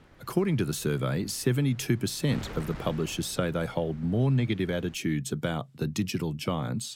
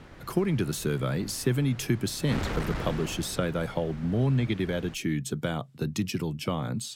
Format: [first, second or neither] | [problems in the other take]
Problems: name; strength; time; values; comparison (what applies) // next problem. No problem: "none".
first | wind noise on the microphone; heavy; until 5 s; 9 dB below the speech; occasional gusts in the first